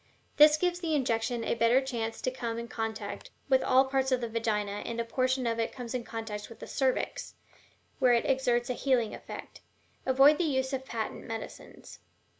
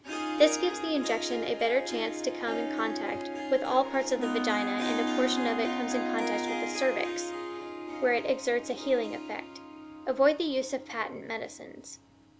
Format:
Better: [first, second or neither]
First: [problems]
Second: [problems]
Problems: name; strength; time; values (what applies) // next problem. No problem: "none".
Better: first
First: none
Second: background sound (Harp + Wind instrument, woodwind instrument); 4 dB below the speech